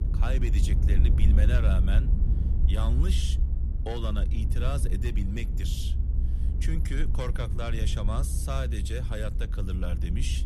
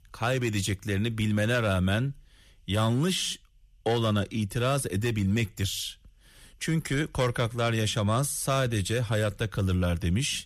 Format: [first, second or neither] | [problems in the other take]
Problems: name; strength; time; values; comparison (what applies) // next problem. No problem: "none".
second | low rumble; loud; throughout; 7 dB below the speech